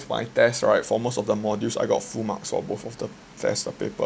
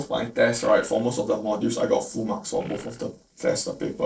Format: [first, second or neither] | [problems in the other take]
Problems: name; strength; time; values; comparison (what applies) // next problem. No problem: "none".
first | noise reduction (neural separator model SepFormer DNS4)